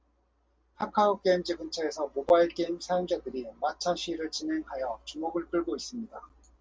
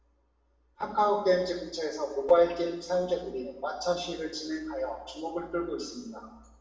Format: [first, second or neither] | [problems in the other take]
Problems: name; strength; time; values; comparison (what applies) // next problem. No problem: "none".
first | room echo; dies away in 0.8 s